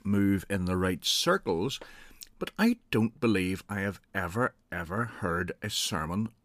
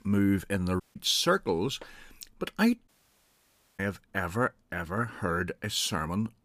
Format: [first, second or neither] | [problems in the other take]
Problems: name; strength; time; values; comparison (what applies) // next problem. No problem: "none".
first | audio cutting out; at 1 s and at 3 s for 1 s